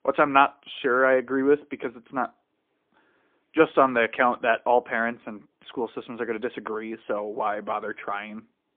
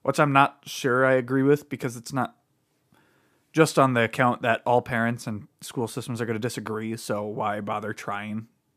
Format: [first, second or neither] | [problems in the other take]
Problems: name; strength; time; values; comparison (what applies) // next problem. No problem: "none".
second | phone-call audio; poor line; nothing above 3.5 kHz